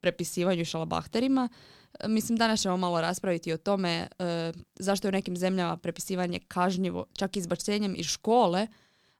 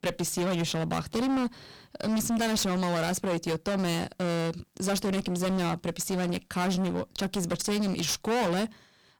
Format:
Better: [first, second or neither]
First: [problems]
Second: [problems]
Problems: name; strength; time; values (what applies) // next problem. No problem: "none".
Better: first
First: none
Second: distortion; heavy; 26% of the sound clipped